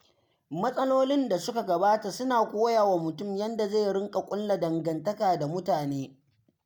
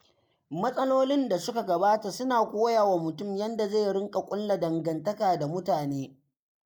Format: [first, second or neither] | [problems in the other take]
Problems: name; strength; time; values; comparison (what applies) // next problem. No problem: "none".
first | noise reduction (neural mask model Resemble Enhance denoiser)